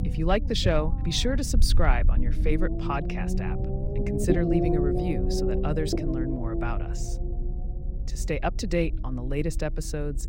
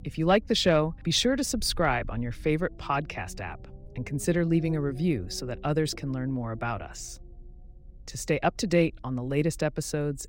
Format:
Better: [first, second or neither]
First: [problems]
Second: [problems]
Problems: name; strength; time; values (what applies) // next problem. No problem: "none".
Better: second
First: low rumble; loud; throughout; 4 dB below the speech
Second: low rumble; faint; throughout; 25 dB below the speech